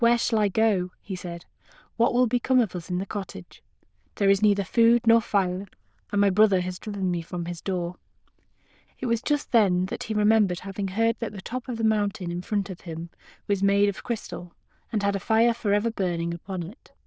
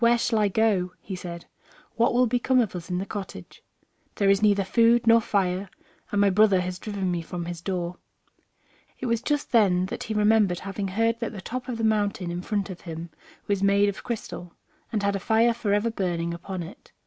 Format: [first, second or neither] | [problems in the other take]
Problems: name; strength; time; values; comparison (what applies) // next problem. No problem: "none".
second | noise reduction (neural diffusion model UNIVERSE++)